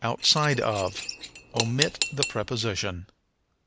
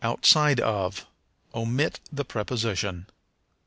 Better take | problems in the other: second | background sound (Cutlery, silverware / Dishes, pots, and pans); 5 dB below the speech

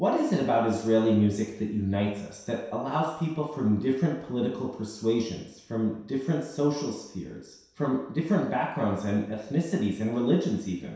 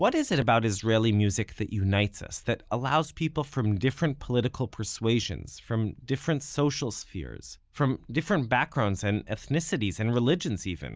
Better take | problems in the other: second | room echo; dies away in 0.7 s

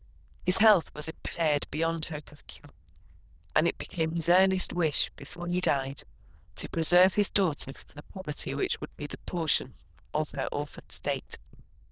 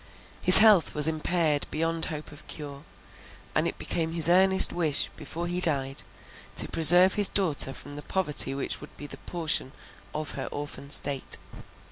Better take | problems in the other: second | noise reduction (neural diffusion model UNIVERSE++)

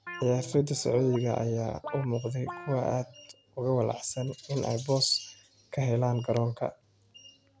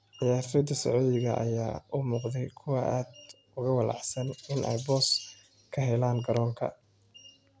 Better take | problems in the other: second | background sound (Guitar); 15 dB below the speech

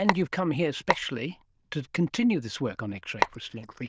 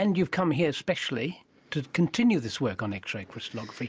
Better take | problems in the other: second | noise reduction (neural diffusion model UNIVERSE++)

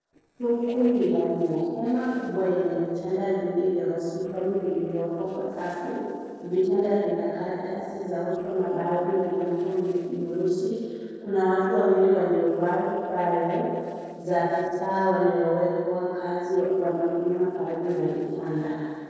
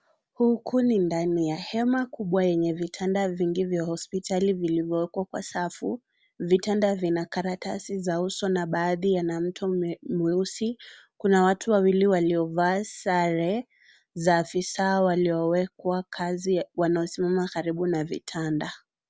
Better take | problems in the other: second | noise reduction (neural separator model SepFormer DNS4)

